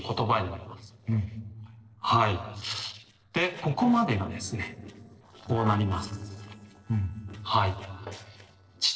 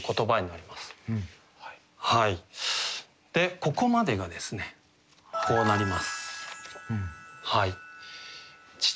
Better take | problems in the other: second | noise reduction (neural separator model SepFormer DNS4)

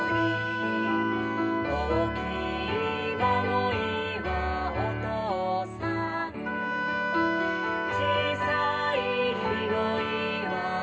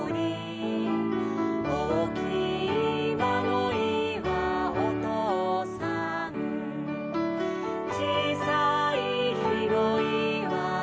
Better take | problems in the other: second | background sound (Wind instrument, woodwind instrument); 6 dB below the speech // room echo; dies away in 0.2 s

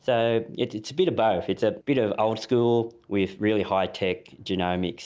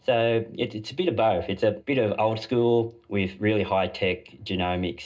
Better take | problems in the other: first | room echo; dies away in 0.2 s

